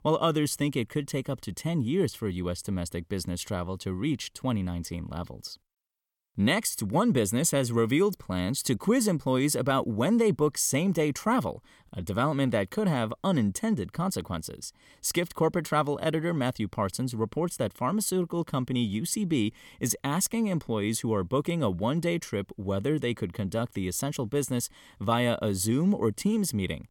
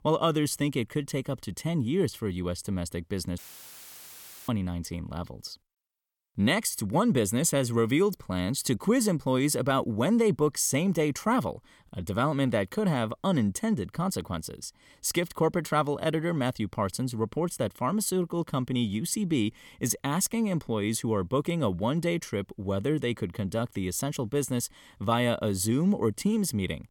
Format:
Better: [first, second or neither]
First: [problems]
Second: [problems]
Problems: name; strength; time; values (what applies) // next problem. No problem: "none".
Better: first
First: none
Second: audio cutting out; filled with static; at 3.5 s for 1 s